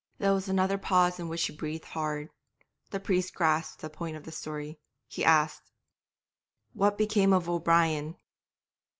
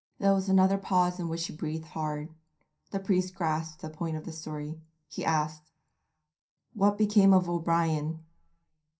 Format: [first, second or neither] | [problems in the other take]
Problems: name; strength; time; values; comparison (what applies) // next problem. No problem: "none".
first | room echo; dies away in 0.3 s